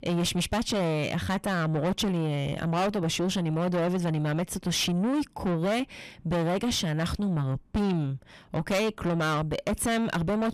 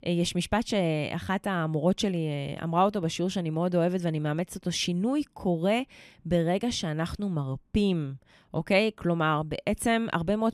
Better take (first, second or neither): second